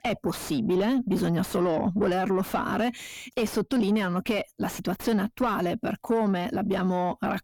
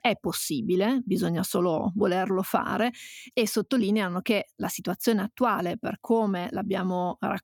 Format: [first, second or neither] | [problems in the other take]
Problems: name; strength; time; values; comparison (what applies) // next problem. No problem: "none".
second | distortion; slight; 9 dB below the speech